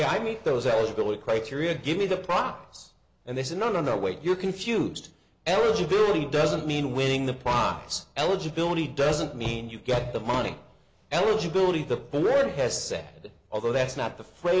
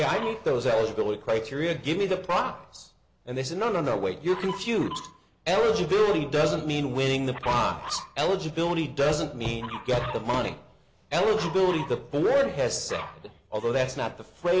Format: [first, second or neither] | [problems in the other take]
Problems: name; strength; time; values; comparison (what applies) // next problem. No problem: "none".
first | background sound (Dog); 17 dB below the speech